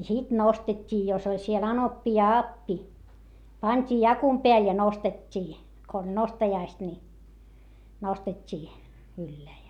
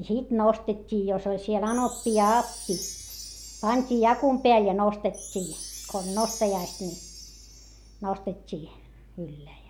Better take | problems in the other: first | background sound (Chime); 14 dB below the speech

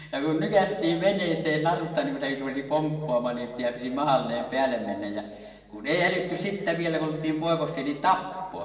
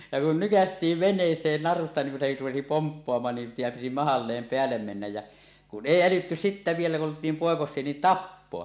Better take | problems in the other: second | room echo; dies away in 1.5 s

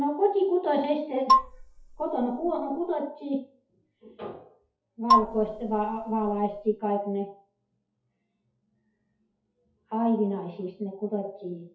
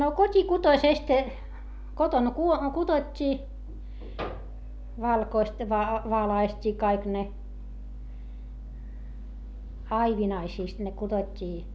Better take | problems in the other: second | noise reduction (classical method WPE with log-MMSE)

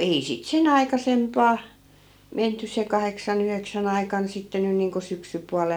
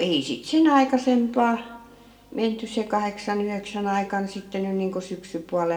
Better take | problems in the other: first | room echo; dies away in 1.3 s

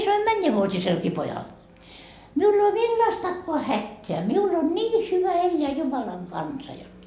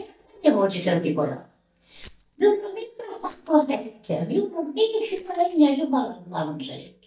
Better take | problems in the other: first | noise reduction (neural mask model DeepFilterNet 3)

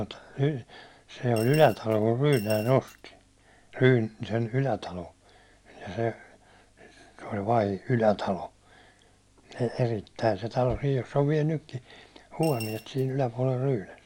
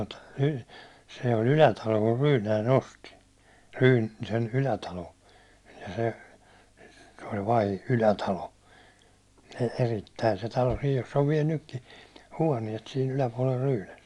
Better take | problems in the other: second | background sound (Coin (dropping) / Glass); 16 dB below the speech

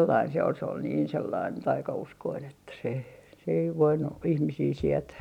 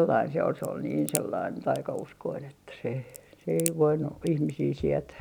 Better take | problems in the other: first | background sound (Crack); 13 dB below the speech

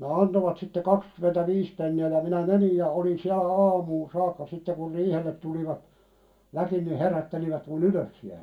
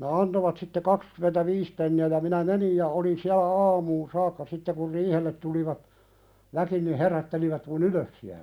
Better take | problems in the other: second | room echo; dies away in 0.2 s

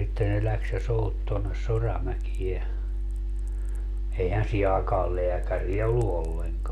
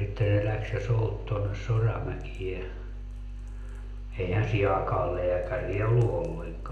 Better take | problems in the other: first | room echo; dies away in 0.8 s

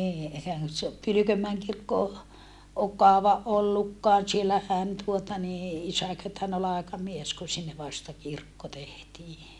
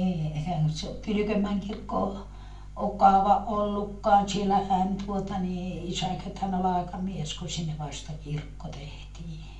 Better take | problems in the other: first | room echo; dies away in 0.3 s

